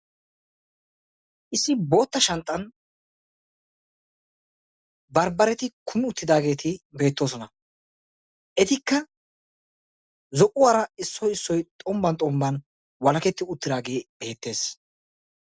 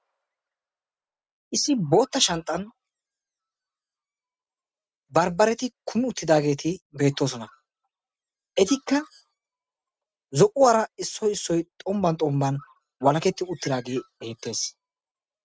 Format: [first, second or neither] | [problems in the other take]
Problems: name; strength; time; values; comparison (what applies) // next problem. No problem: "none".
first | noise reduction (neural mask model RNNoise)